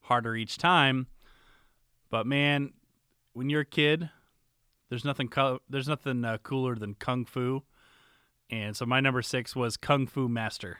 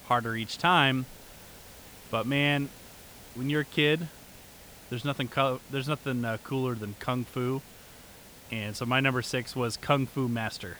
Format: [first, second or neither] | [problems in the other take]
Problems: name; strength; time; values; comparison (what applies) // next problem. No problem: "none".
first | hiss; noticeable; throughout; 20 dB below the speech